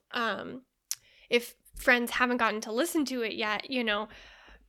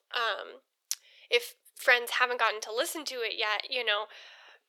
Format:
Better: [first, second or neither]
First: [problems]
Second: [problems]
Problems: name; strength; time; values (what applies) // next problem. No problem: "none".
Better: first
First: none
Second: thin; very; fading below 450 Hz